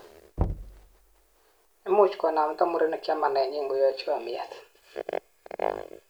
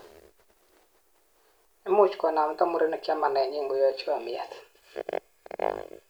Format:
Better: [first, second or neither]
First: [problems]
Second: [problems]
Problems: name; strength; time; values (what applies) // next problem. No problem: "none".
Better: second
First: background sound (Knock); 8 dB below the speech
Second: none